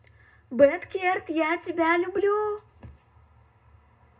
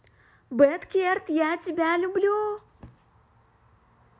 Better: second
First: room echo; dies away in 0.2 s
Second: none

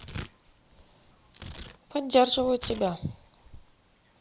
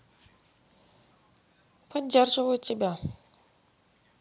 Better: second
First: background sound (Tearing); 15 dB below the speech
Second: none

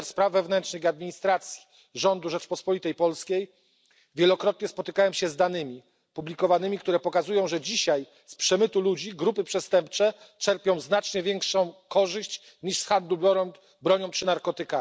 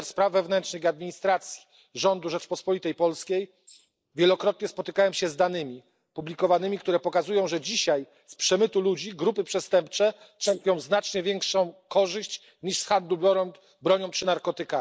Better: first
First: none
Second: noise reduction (neural mask model Resemble Enhance denoiser)

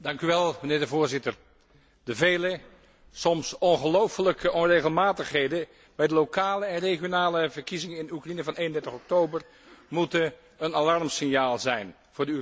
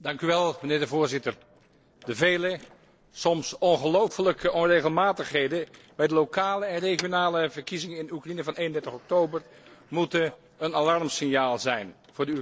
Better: first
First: none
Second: noise reduction (neural separator model SepFormer DNS4)

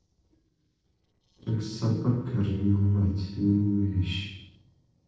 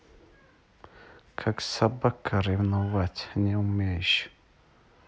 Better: second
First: noise reduction (neural separator model SepFormer DNS4)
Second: none

